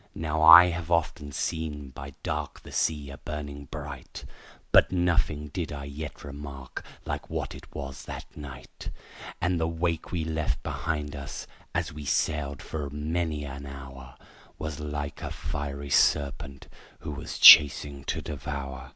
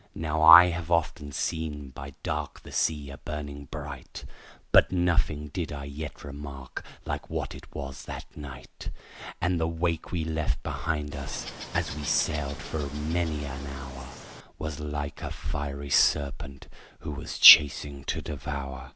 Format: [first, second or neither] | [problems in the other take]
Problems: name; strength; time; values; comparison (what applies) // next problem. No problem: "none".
first | background sound (Water / Bird); 13 dB below the speech